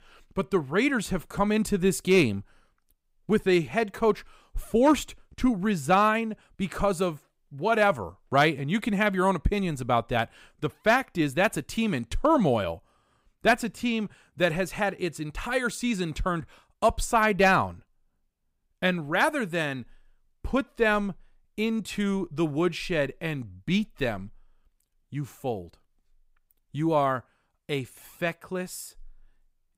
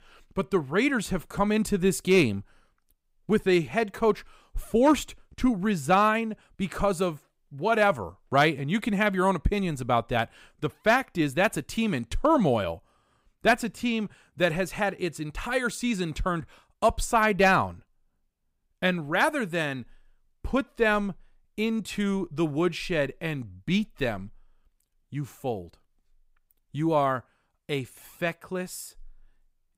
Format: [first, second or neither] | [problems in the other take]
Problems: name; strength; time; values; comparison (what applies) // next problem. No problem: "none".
neither | none